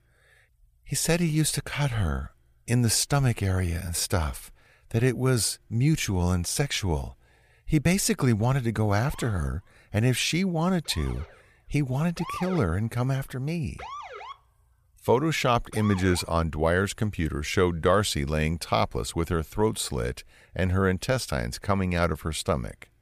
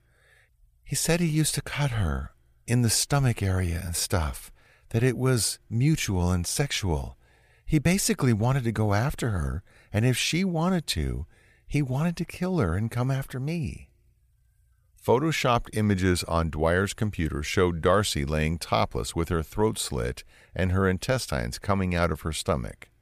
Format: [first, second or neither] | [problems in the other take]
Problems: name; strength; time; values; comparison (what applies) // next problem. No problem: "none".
second | siren; noticeable; from 9 to 16 s; peak 9 dB below the speech